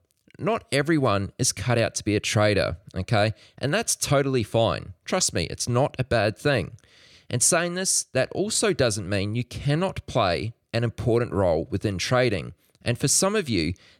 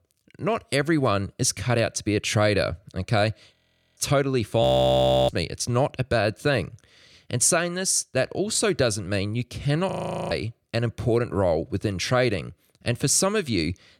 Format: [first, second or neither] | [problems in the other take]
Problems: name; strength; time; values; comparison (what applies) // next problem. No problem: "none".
first | audio freezing; at 3.5 s, at 4.5 s for 0.5 s and at 10 s